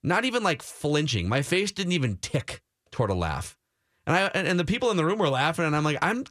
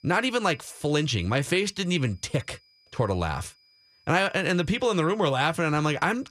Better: first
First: none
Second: high-pitched whine; faint; throughout; 5 kHz, 35 dB below the speech

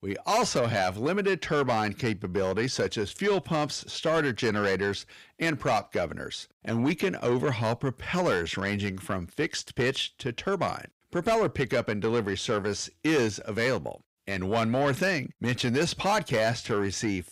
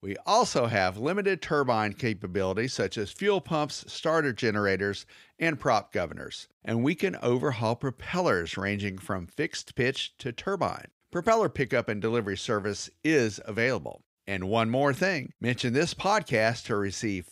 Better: second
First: distortion; slight; 10 dB below the speech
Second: none

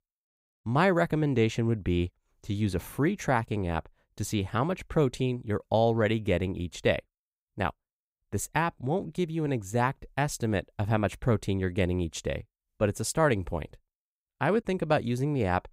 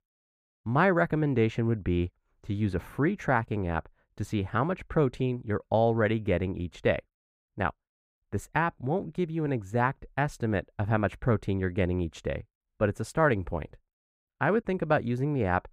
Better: first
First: none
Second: muffled; slightly; fading above 3.5 kHz

